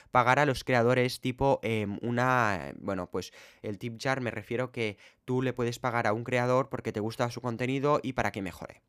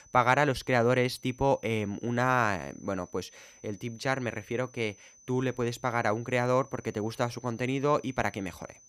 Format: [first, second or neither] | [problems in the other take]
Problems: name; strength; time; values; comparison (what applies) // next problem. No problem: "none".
first | high-pitched whine; faint; throughout; 6 kHz, 25 dB below the speech